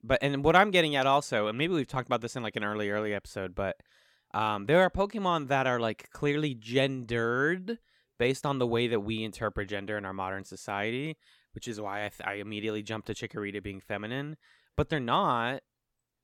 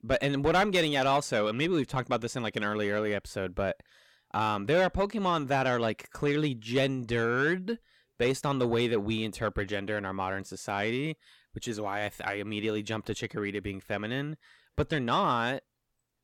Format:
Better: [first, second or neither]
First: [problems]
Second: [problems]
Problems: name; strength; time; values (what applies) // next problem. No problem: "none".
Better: first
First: none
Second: distortion; slight; 10 dB below the speech